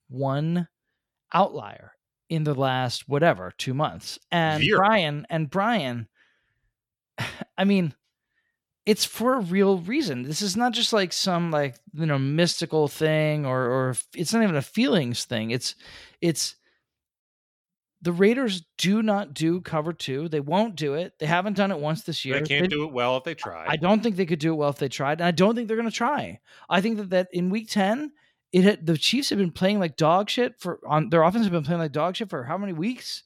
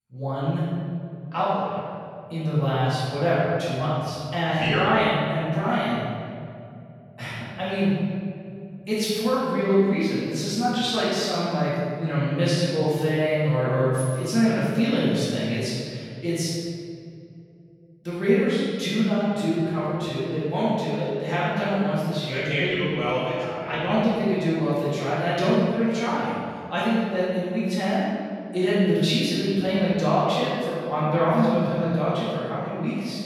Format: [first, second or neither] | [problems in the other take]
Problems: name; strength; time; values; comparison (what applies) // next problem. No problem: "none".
first | room echo; strong; dies away in 2.1 s // off-mic speech; far